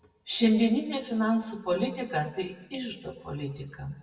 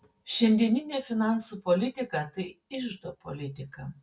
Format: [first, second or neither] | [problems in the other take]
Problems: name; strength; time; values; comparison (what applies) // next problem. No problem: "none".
second | room echo; dies away in 1.1 s